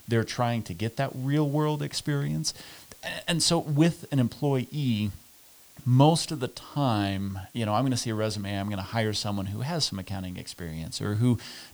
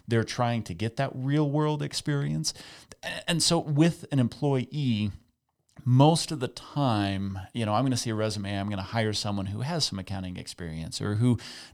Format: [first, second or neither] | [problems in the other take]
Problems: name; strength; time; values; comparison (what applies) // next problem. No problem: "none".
second | hiss; faint; throughout; 25 dB below the speech